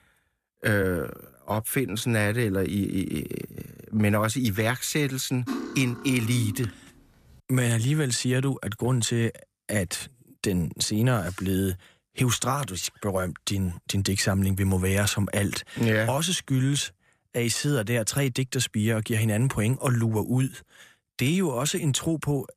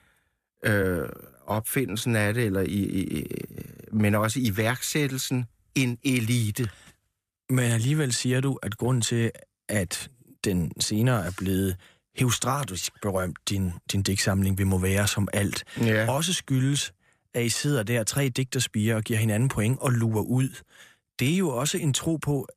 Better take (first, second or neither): second